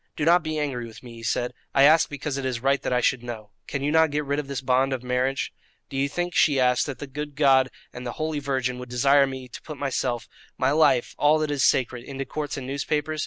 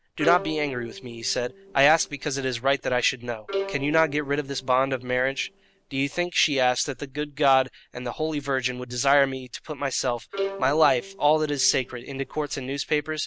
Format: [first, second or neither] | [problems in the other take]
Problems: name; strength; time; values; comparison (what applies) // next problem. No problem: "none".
first | background sound (Bowed string instrument); 11 dB below the speech